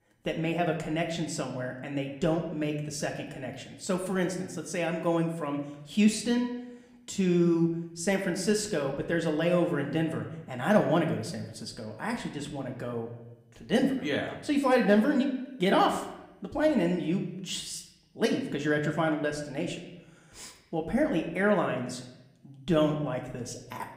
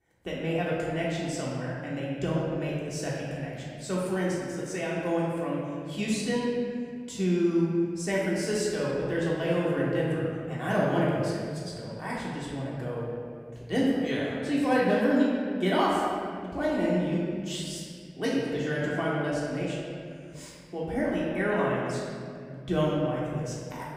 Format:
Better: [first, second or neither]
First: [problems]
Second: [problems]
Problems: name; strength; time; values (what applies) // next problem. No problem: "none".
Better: first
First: room echo; slight; dies away in 0.7 s // off-mic speech; somewhat distant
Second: room echo; strong; dies away in 2.1 s // off-mic speech; far